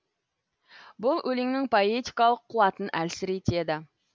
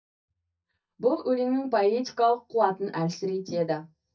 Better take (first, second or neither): first